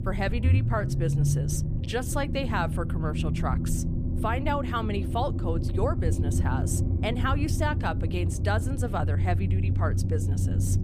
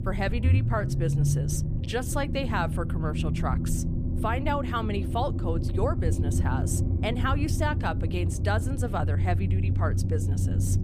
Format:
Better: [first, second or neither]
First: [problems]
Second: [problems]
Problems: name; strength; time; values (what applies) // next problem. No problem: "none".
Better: neither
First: low rumble; loud; throughout; 7 dB below the speech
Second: low rumble; loud; throughout; 7 dB below the speech